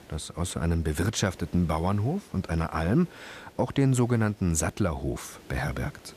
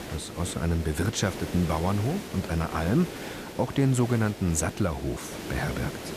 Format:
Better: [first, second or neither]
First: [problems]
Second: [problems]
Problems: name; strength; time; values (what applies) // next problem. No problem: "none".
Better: first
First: hiss; faint; throughout; 25 dB below the speech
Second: hiss; loud; throughout; 10 dB below the speech